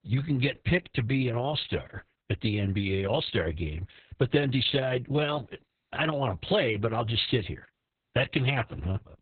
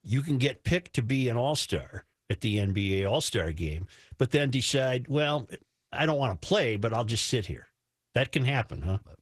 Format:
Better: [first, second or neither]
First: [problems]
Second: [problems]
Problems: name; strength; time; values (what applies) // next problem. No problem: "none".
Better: second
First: garbled, watery; badly; nothing above 4 kHz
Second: garbled, watery; slightly; nothing above 14 kHz